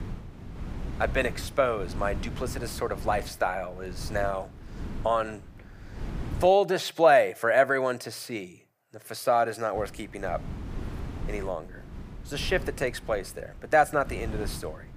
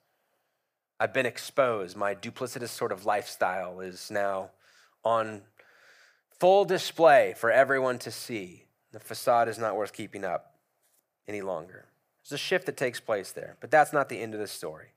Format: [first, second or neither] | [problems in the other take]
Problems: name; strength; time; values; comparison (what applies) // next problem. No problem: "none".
second | wind noise on the microphone; occasional gusts; until 6.5 s and from 10 s on; 20 dB below the speech